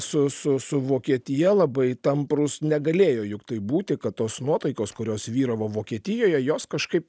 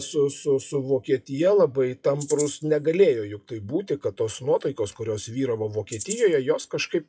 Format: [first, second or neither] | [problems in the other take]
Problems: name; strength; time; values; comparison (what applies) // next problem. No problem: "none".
first | noise reduction (classical method WPE with log-MMSE)